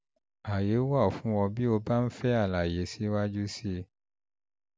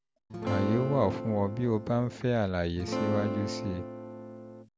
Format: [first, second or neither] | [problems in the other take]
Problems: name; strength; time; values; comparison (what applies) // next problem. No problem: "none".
first | background sound (Acoustic guitar / Strum); 5 dB below the speech